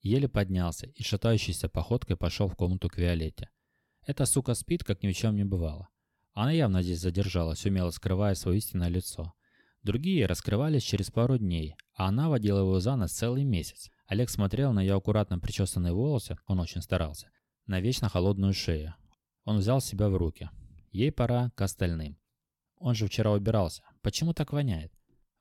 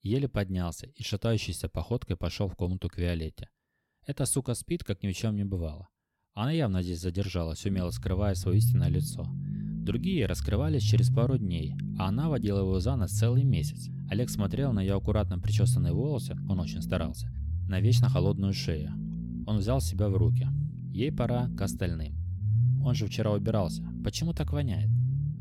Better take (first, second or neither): first